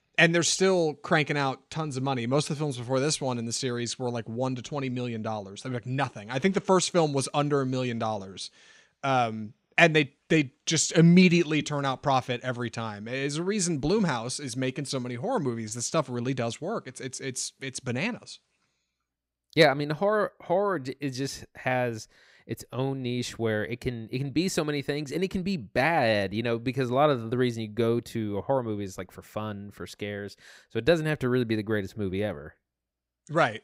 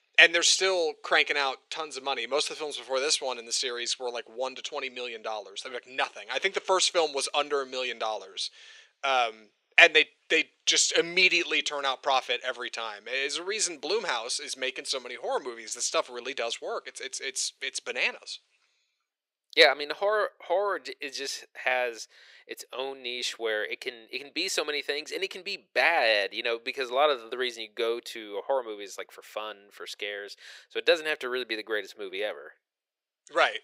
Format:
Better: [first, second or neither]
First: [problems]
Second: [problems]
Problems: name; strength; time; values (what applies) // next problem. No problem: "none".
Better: first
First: none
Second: thin; very; fading below 450 Hz